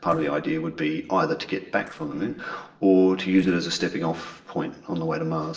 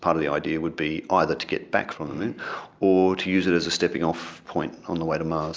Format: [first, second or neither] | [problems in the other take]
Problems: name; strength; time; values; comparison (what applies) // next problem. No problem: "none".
second | noise reduction (neural separator model SepFormer DNS4)